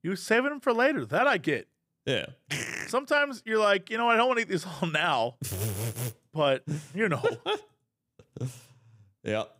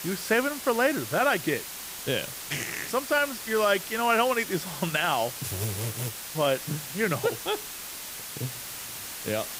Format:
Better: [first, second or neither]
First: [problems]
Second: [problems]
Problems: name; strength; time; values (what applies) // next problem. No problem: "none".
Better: first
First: none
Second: hiss; loud; throughout; 8 dB below the speech